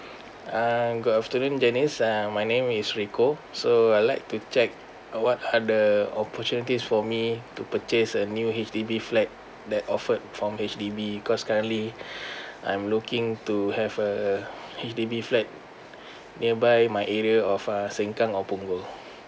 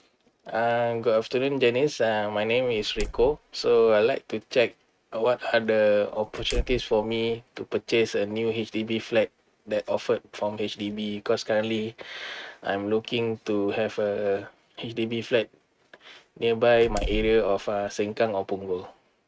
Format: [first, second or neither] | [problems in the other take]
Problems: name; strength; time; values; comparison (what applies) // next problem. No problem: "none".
first | noise reduction (neural mask model RNNoise)